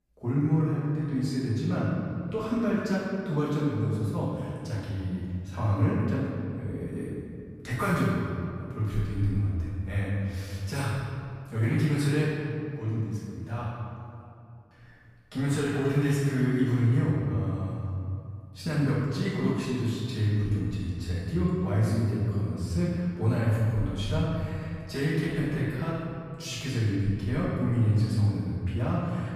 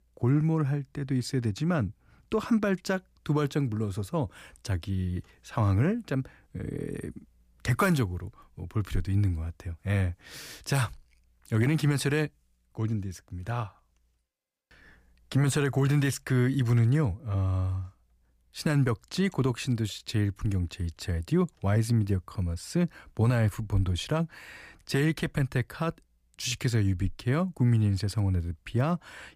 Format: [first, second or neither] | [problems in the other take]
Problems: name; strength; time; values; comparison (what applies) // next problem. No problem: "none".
second | off-mic speech; far // room echo; strong; dies away in 2.2 s